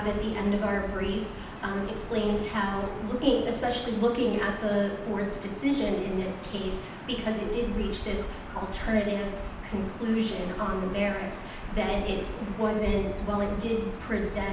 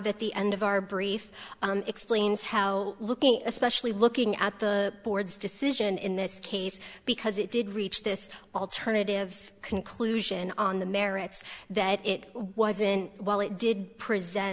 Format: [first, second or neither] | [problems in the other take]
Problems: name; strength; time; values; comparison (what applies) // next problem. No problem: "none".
second | background sound (Gull, seagull / Ocean); 8 dB below the speech // room echo; dies away in 0.8 s